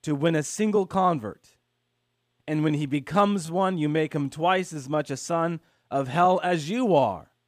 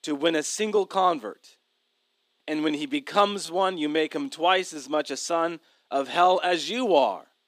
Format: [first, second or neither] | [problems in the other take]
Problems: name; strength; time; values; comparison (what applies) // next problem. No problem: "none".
first | thin; very slightly; fading below 250 Hz